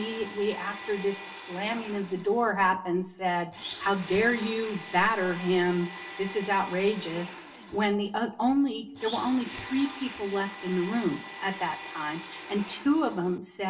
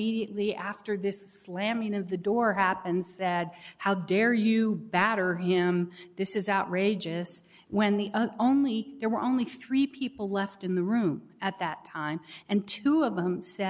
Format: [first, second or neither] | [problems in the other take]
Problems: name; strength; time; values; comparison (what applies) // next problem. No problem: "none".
second | background sound (Domestic sounds, home sounds); 14 dB below the speech // room echo; dies away in 0.2 s